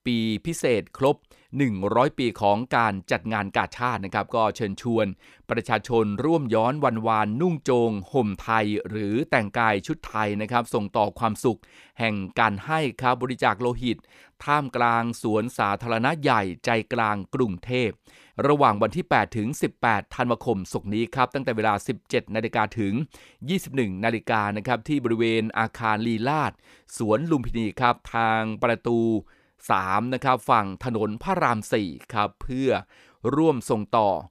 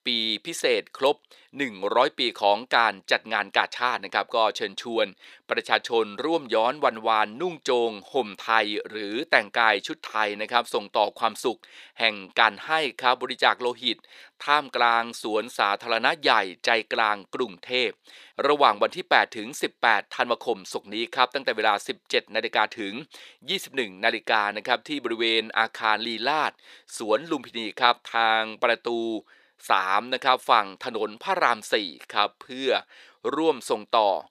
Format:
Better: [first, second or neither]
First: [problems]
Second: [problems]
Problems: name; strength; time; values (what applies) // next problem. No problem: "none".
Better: first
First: none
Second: thin; somewhat; fading below 450 Hz